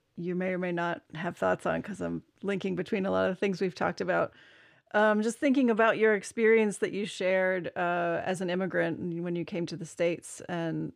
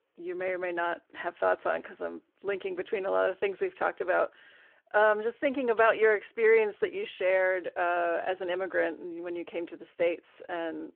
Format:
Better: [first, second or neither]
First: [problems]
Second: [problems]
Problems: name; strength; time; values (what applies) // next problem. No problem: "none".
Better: first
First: none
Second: phone-call audio